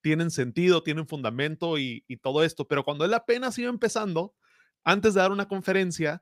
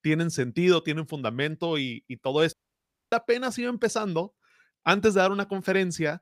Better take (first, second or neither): first